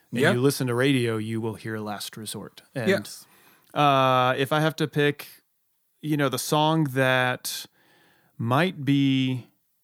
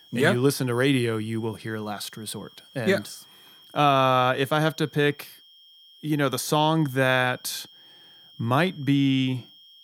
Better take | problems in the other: first | high-pitched whine; faint; throughout; 3 kHz, 25 dB below the speech

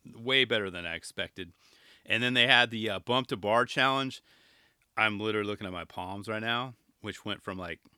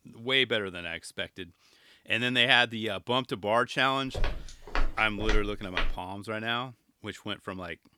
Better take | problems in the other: first | footsteps; noticeable; from 4 to 6 s; peak 6 dB below the speech

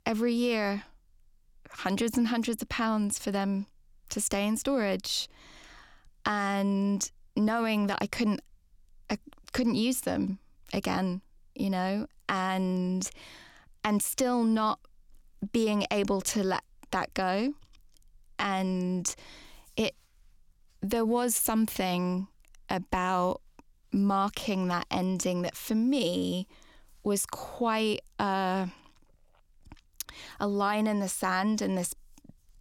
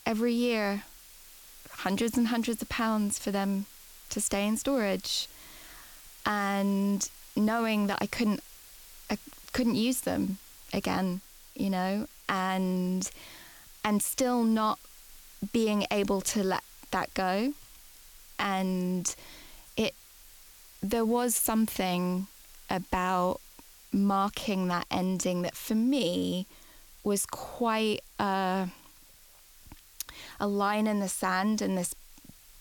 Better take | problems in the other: first | hiss; faint; throughout; 20 dB below the speech

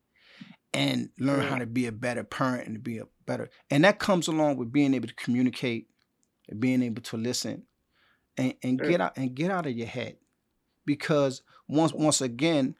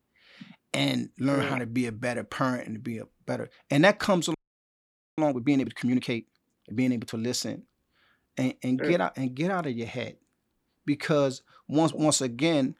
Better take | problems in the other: first | audio freezing; at 4.5 s for 1 s

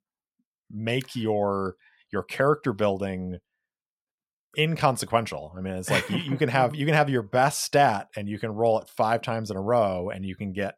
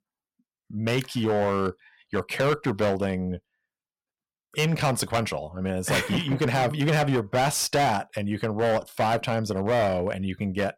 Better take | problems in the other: first | distortion; heavy; 13% of the sound clipped

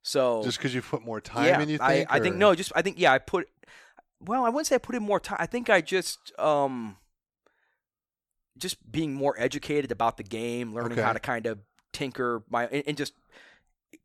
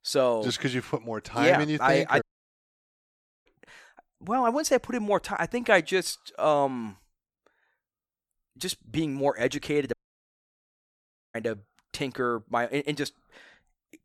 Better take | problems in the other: first | audio cutting out; at 2 s for 1 s and at 10 s for 1.5 s

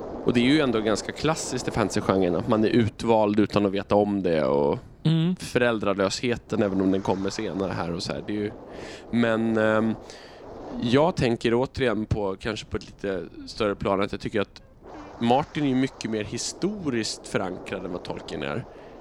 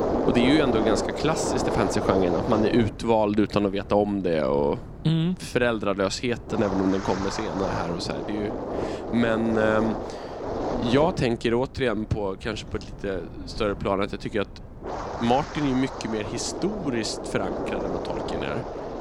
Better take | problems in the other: first | wind noise on the microphone; heavy; 3 dB below the speech; occasional gusts in the first

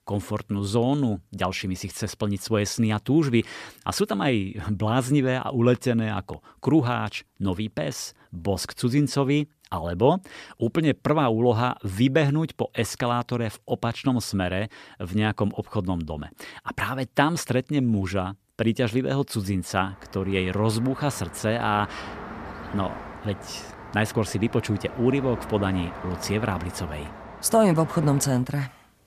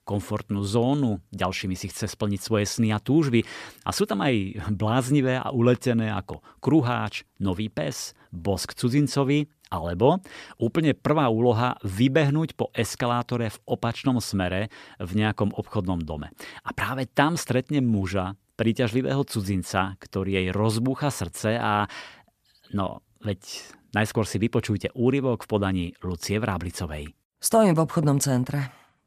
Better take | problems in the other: second | traffic noise; noticeable; from 20 s on; 15 dB below the speech

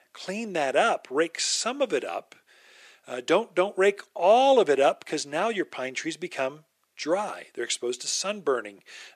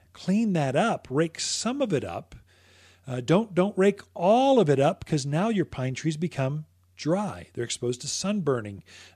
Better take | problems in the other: second | thin; somewhat; fading below 350 Hz

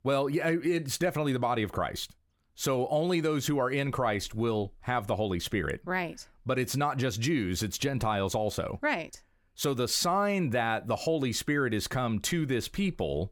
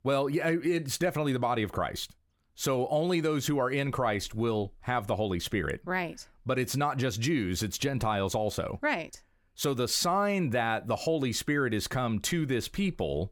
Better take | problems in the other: neither | none

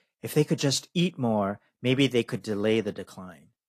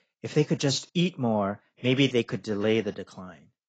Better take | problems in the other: first | garbled, watery; badly; nothing above 7.5 kHz; slightly in the first

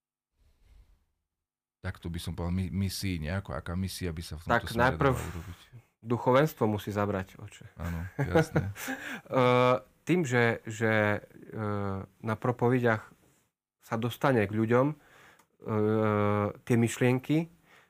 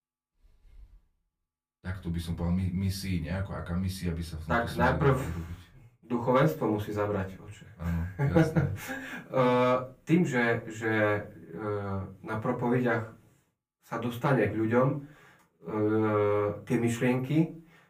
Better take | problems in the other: first | off-mic speech; far // room echo; very slight; dies away in 0.2 s

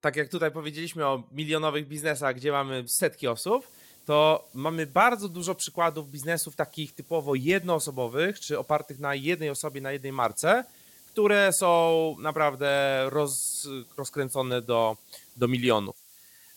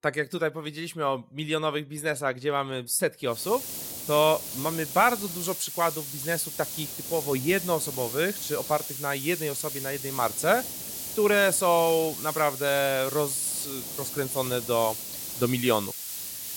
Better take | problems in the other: first | hiss; loud; from 3.5 s on; 6 dB below the speech; faint in the first

